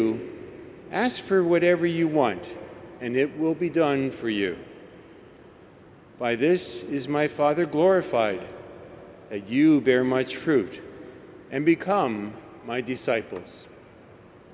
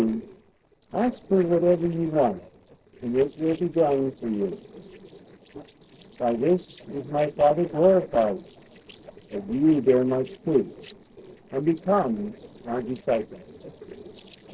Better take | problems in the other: first | noise reduction (neural separator model SepFormer DNS4)

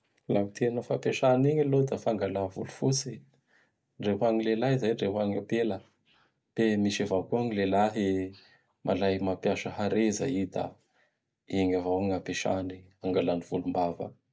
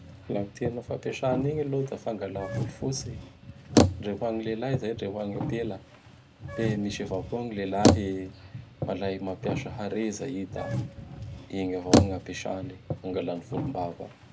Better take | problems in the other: first | background sound (Bicycle); 2 dB above the speech

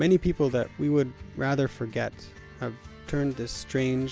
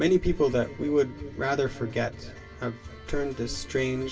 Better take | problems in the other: first | room echo; dies away in 2.5 s

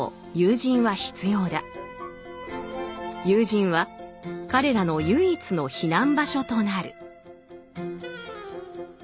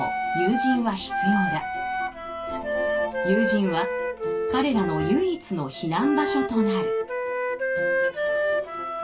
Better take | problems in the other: first | background sound (Wind instrument, woodwind instrument); as loud as the speech // room echo; dies away in 0.2 s

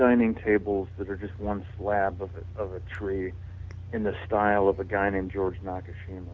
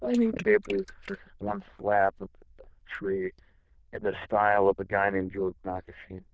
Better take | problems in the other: first | noise reduction (neural diffusion model UNIVERSE++)

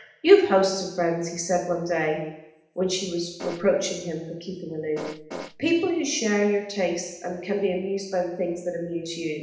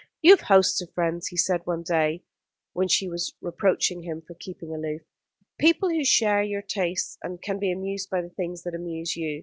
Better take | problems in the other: second | background sound (Fart); 11 dB below the speech // room echo; dies away in 0.8 s

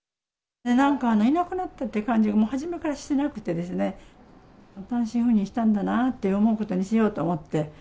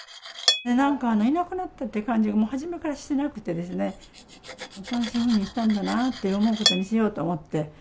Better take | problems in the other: first | background sound (Cutlery, silverware); 8 dB below the speech

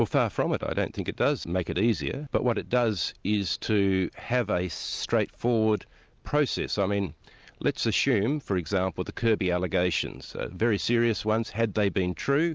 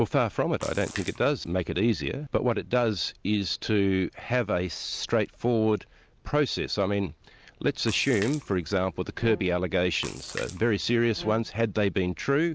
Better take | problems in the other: first | background sound (Bowed string instrument + Splash, splatter); 17 dB below the speech

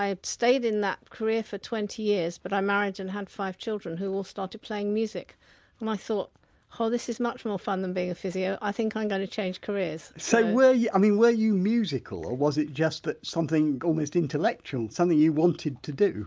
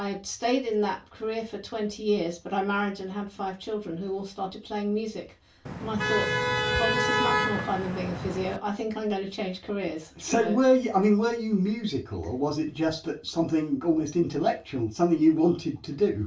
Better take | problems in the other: first | background sound (Motor vehicle (road)); as loud as the speech // room echo; dies away in 0.3 s

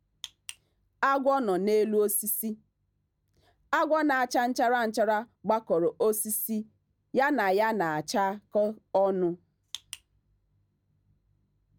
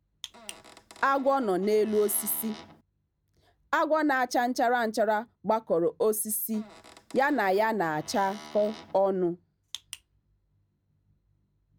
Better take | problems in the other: first | background sound (Squeak / Cupboard open or close); 20 dB below the speech

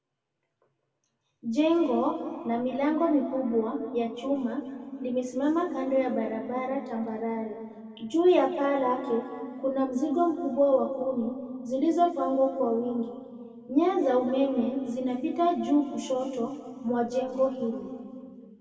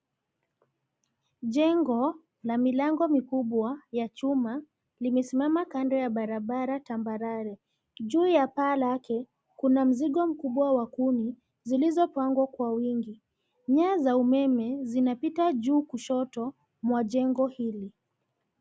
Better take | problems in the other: second | room echo; dies away in 2.1 s

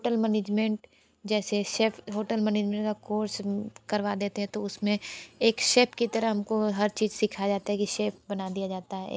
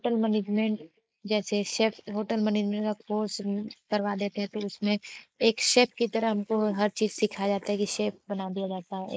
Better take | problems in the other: first | noise reduction (neural mask model Resemble Enhance denoiser)

